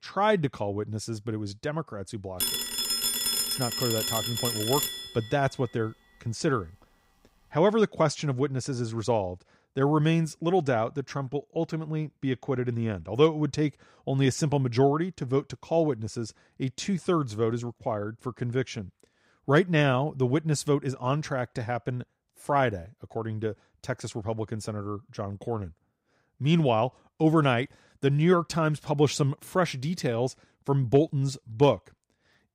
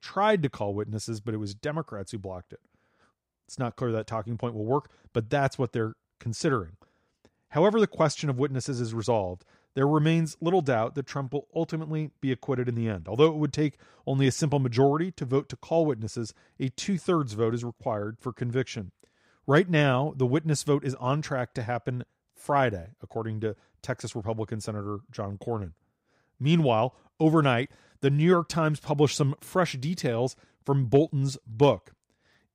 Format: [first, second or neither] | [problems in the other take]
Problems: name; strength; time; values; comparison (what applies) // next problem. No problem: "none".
second | phone ringing; loud; from 2.5 to 5 s; peak 3 dB above the speech